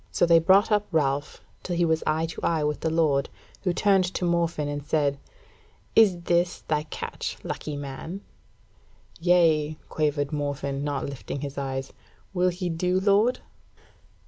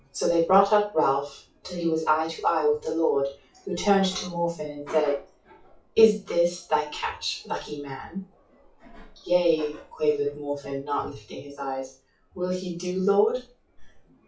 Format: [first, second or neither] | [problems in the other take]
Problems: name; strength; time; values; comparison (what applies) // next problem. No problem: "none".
first | noise reduction (classical method WPE with log-MMSE)